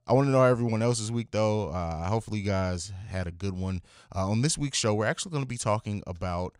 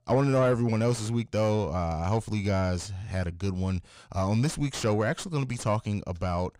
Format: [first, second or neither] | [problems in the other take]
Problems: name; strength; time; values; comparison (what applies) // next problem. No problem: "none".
first | distortion; slight; 10 dB below the speech